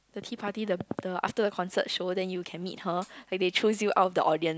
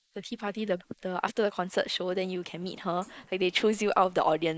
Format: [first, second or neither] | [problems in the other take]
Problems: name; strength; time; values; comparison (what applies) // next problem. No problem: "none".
first | noise reduction (neural mask model Resemble Enhance denoiser)